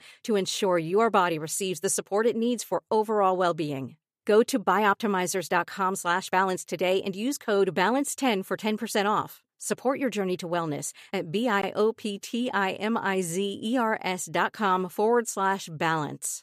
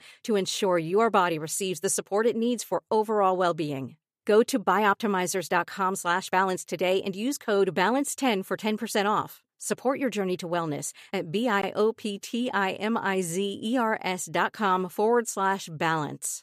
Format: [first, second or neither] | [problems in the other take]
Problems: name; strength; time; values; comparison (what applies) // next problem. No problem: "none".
neither | none